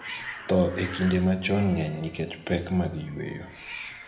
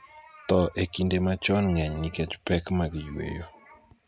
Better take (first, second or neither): second